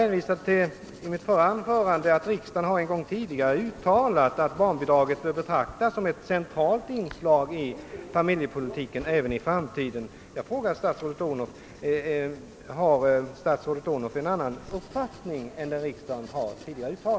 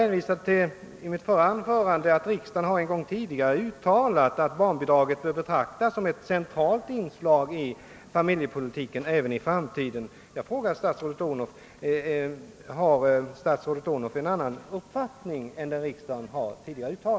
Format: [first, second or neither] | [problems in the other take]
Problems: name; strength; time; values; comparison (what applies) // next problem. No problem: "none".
second | background sound (Subway, metro, underground + Writing); 20 dB below the speech